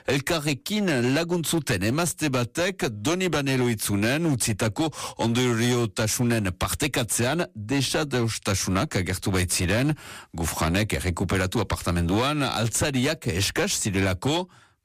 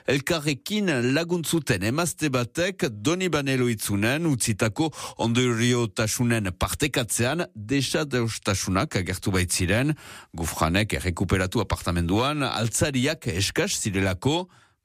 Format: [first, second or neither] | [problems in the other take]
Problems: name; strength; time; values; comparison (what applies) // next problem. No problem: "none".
second | distortion; slight; 14% of the sound clipped